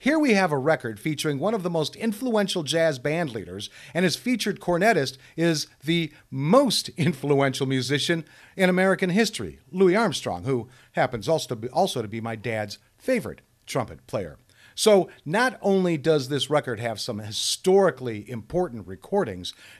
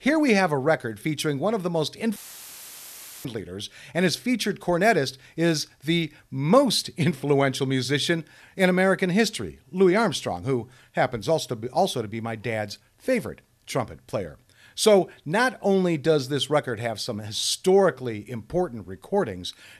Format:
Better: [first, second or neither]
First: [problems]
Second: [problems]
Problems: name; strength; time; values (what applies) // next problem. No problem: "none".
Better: first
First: none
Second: audio cutting out; filled with static; at 2 s for 1 s